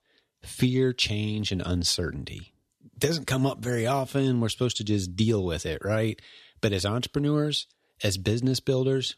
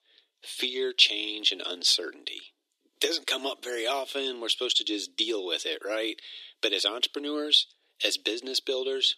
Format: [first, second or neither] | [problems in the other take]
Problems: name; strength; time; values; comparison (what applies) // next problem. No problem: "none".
first | thin; very; fading below 300 Hz